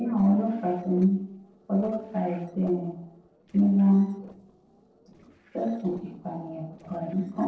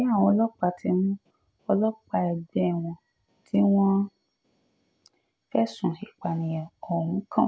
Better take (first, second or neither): second